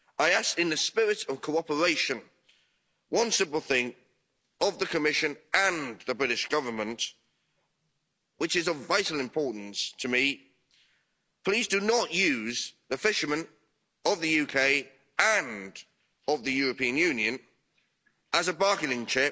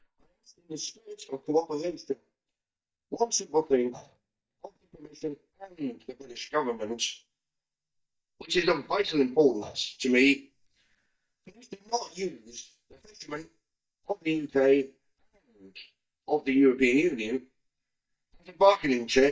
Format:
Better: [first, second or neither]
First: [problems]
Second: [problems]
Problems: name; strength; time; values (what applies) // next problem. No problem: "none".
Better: first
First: none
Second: noise reduction (neural mask model DeepFilterNet 3)